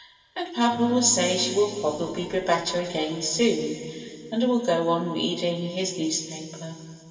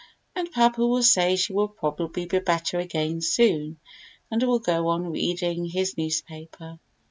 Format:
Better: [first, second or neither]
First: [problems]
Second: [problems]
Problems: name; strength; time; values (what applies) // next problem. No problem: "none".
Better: second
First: background sound (Acoustic guitar / Strum); 14 dB below the speech // room echo; dies away in 2.6 s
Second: none